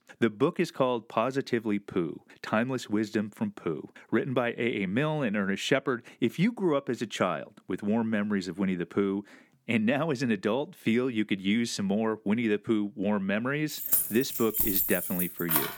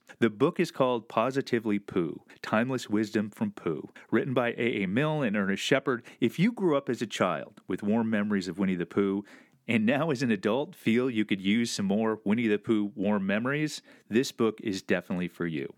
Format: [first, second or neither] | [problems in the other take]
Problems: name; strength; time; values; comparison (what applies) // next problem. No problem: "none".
second | jangling keys; loud; from 14 s on; peak 5 dB above the speech